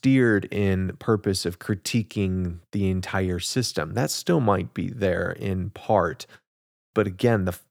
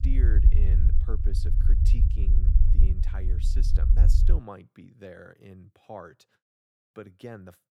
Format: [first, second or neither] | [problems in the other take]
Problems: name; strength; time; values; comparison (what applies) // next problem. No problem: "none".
first | low rumble; very loud; until 4.5 s; as loud as the speech